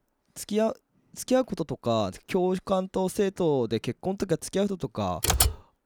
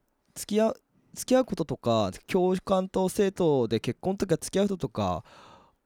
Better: second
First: keyboard typing; loud; at 5 s; peak 5 dB above the speech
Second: none

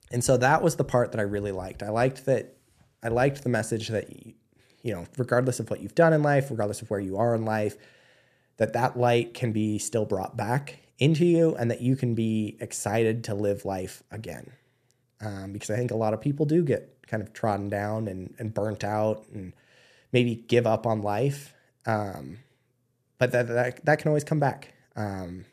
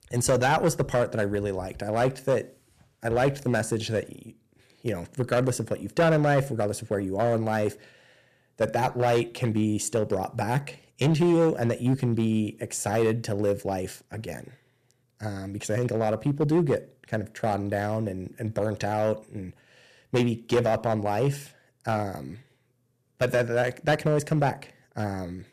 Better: first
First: none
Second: distortion; slight; 4% of the sound clipped

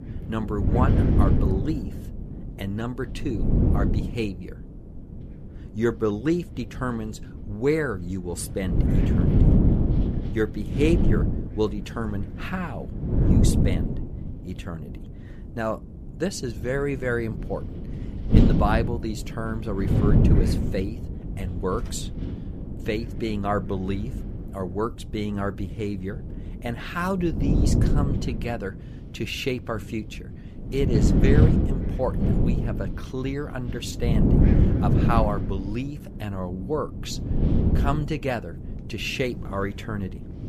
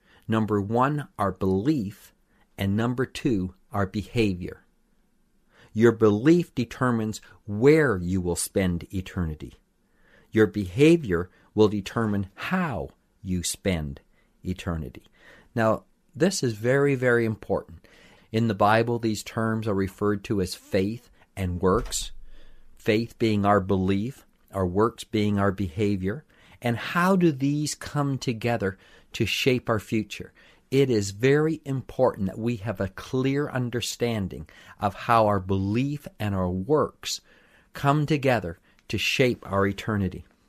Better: second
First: wind noise on the microphone; heavy; 3 dB below the speech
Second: none

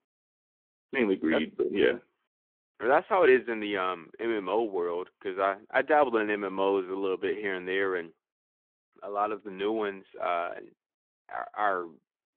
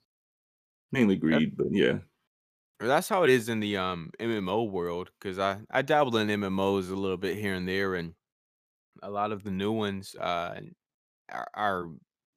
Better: second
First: phone-call audio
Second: none

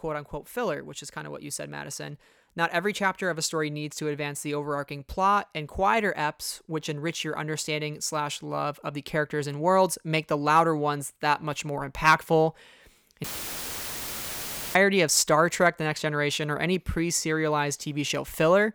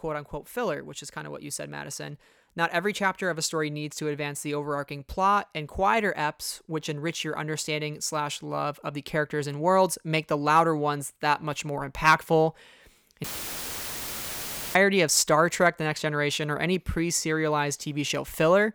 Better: neither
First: audio cutting out; filled with static; at 13 s for 1.5 s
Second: audio cutting out; filled with static; at 13 s for 1.5 s

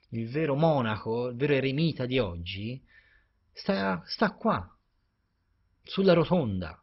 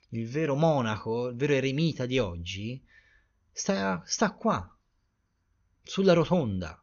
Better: second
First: garbled, watery; badly; nothing above 5.5 kHz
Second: garbled, watery; slightly; nothing above 6.5 kHz

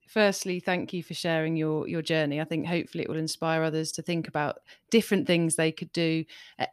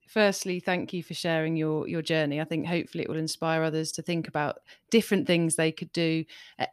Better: neither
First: none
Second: none

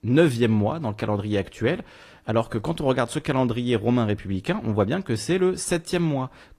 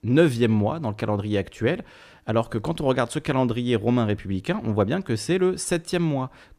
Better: second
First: garbled, watery; slightly; nothing above 14.5 kHz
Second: none

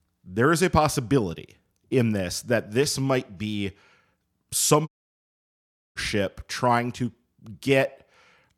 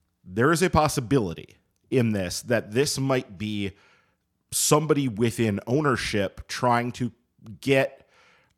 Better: second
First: audio cutting out; at 5 s for 1 s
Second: none

